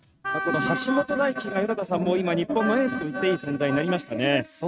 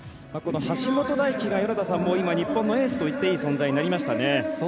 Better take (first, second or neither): second